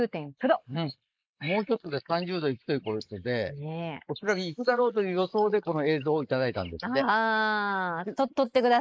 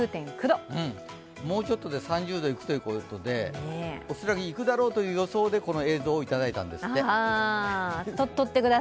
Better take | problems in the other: second | noise reduction (neural mask model Resemble Enhance denoiser)

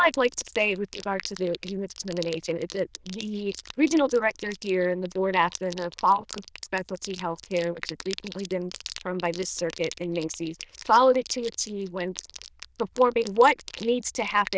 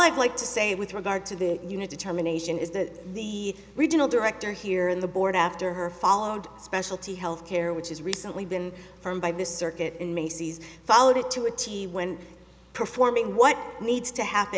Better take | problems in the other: second | noise reduction (neural diffusion model UNIVERSE++)

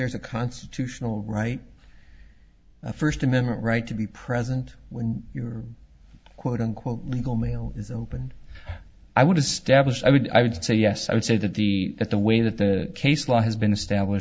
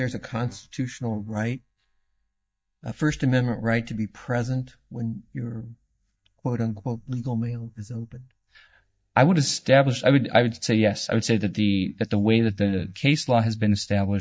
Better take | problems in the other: first | noise reduction (neural mask model DeepFilterNet 3)

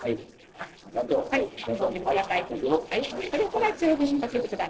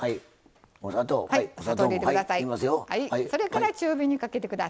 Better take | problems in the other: second | noise reduction (neural separator model SepFormer DNS4)

